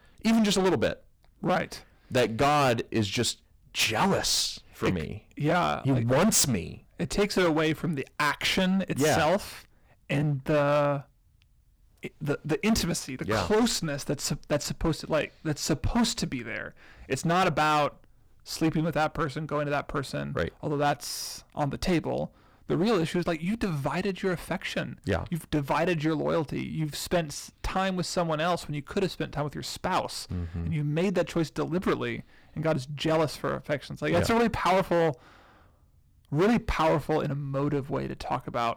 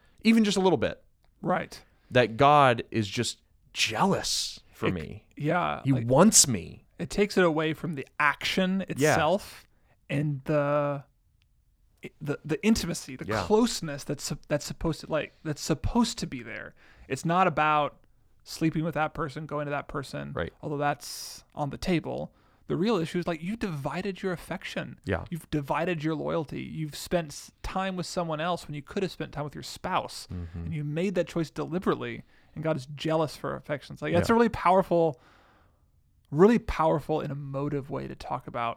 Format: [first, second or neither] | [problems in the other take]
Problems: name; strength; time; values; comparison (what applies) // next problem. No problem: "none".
second | distortion; heavy; 9% of the sound clipped